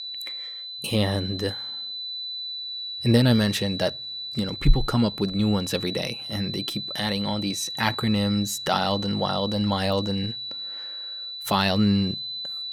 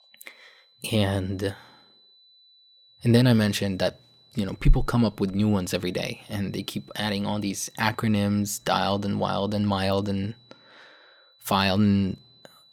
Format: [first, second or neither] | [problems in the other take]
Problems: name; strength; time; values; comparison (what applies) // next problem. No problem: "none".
second | high-pitched whine; loud; throughout; 4 kHz, 6 dB below the speech; faint in the second